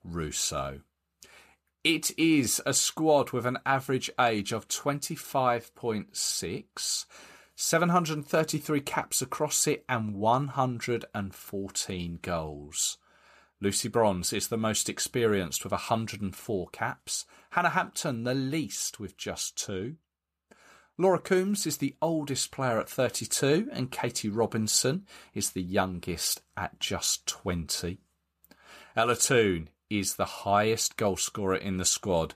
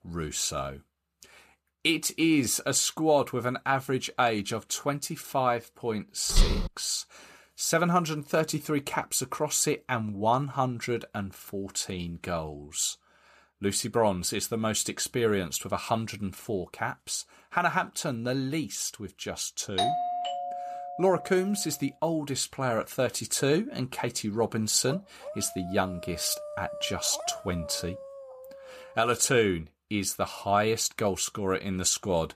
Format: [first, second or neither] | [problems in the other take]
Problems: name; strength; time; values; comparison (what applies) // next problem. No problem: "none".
first | footsteps; loud; at 6.5 s; peak 1 dB above the speech // doorbell; loud; from 20 to 21 s; peak 1 dB above the speech // dog barking; noticeable; from 25 to 29 s; peak 9 dB below the speech